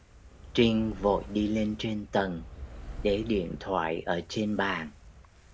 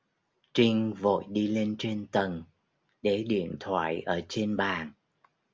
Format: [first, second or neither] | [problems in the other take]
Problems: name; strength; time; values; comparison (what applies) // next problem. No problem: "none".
second | background sound (Fire); 14 dB below the speech